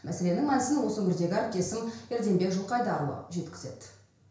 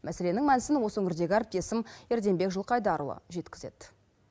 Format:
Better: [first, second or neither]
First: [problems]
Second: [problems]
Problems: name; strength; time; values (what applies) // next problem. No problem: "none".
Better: second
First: room echo; dies away in 0.5 s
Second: none